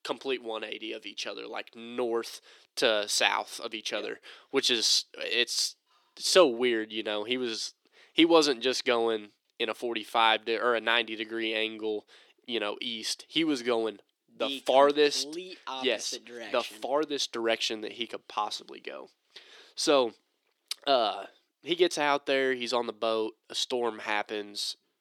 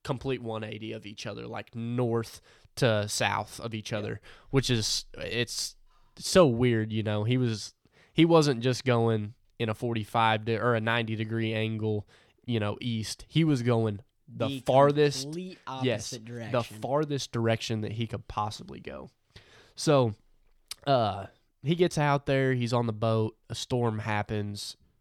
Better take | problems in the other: second | thin; somewhat; fading below 300 Hz

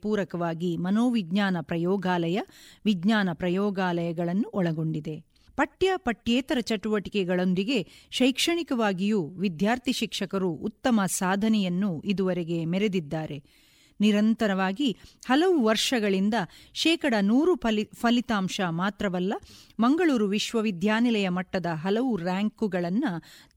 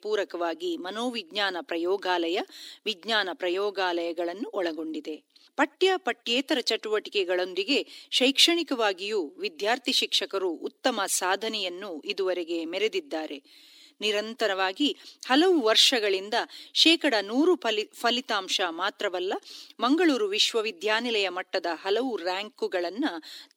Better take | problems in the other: first | thin; somewhat; fading below 300 Hz

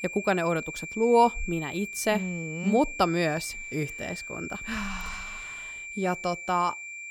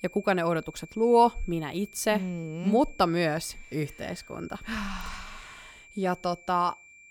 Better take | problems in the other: second | high-pitched whine; loud; throughout; 2.5 kHz, 9 dB below the speech; faint in the second

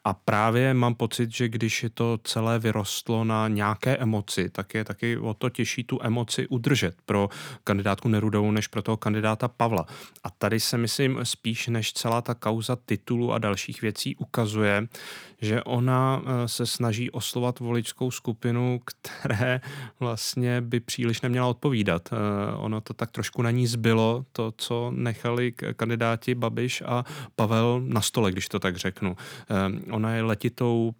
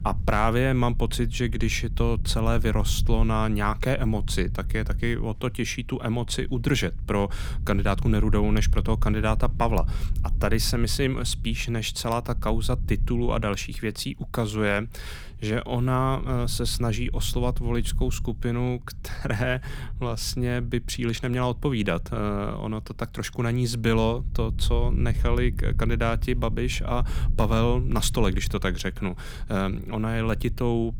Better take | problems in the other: first | low rumble; noticeable; throughout; 20 dB below the speech

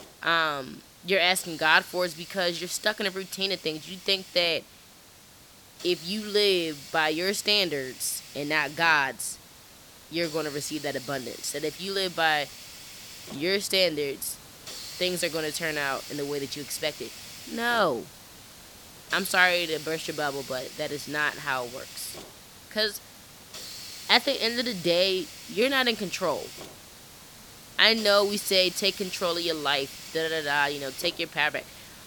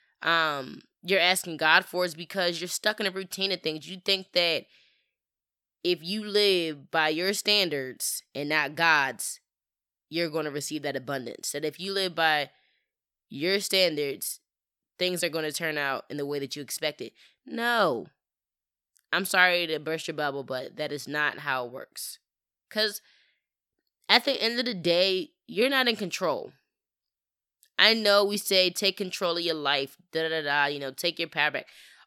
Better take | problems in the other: second | hiss; noticeable; throughout; 15 dB below the speech

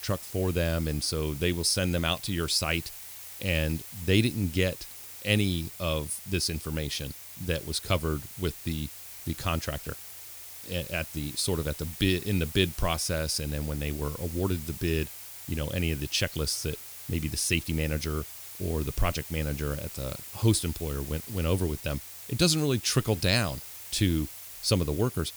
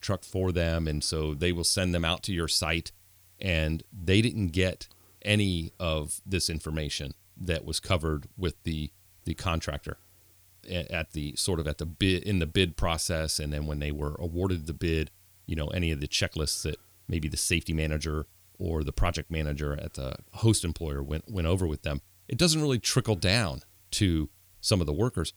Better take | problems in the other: second | hiss; loud; throughout; 10 dB below the speech; faint in the second

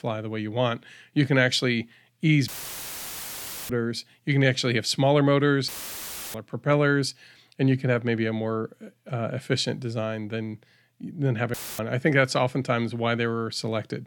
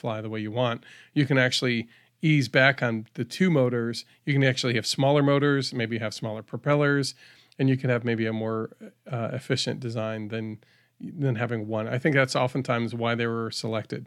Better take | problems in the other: second | audio cutting out; filled with static; at 2.5 s for 1 s, at 5.5 s for 0.5 s and at 12 s

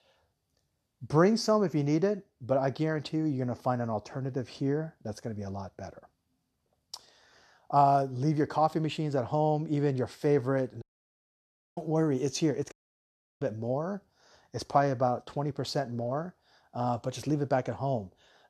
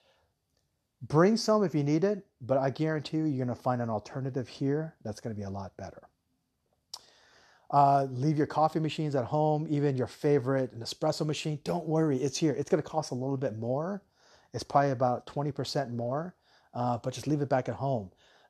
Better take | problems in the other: second | audio cutting out; at 11 s for 1 s and at 13 s for 0.5 s

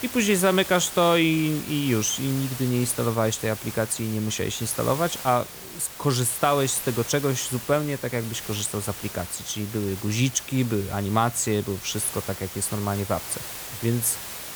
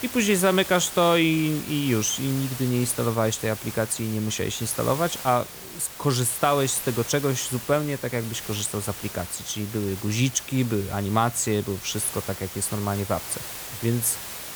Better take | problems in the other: neither | hiss; loud; throughout; 10 dB below the speech; the same in both

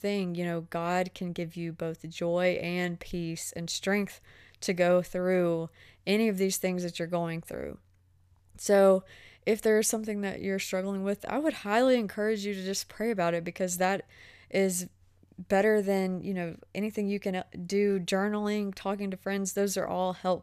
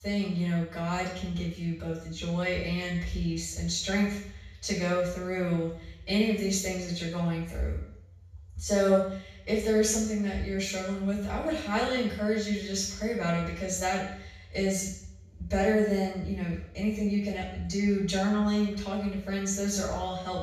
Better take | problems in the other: first | room echo; noticeable; dies away in 0.6 s // off-mic speech; far

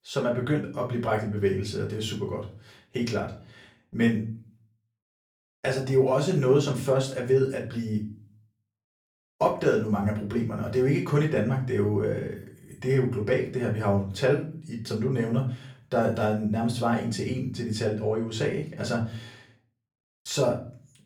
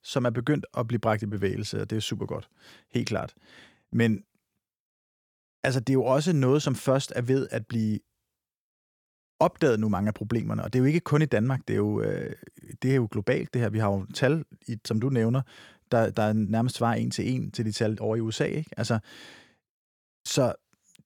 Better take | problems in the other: second | off-mic speech; far // room echo; slight; dies away in 0.3 s

